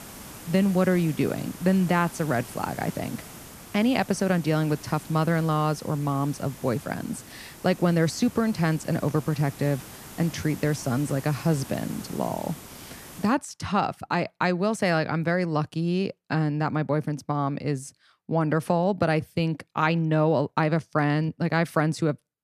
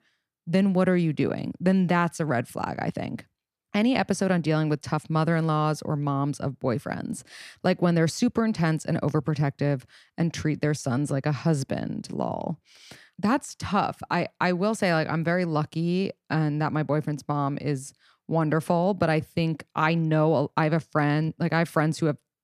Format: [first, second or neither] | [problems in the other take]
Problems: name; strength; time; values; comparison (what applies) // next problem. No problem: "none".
second | hiss; noticeable; until 13 s; 15 dB below the speech